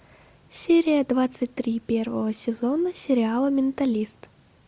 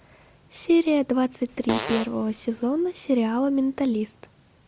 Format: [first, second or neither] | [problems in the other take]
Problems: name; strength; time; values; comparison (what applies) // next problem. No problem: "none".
first | background sound (Fart); 8 dB below the speech